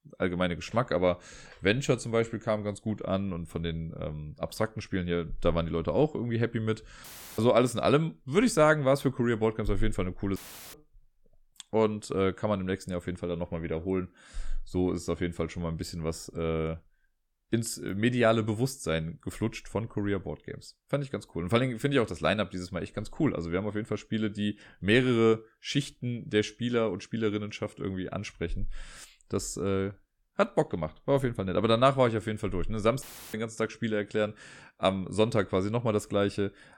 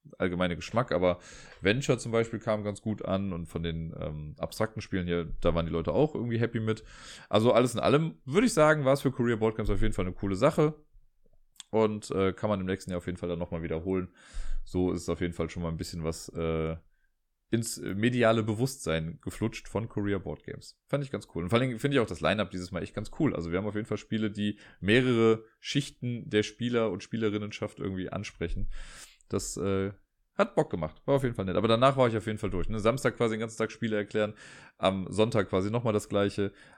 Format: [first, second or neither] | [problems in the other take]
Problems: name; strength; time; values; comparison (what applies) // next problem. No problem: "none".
second | audio cutting out; filled with static; at 7 s, at 10 s and at 33 s